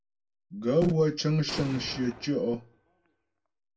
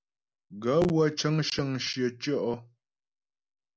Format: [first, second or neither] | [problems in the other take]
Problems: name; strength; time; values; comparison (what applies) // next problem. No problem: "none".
second | background sound (Explosion); 15 dB below the speech // room echo; dies away in 0.2 s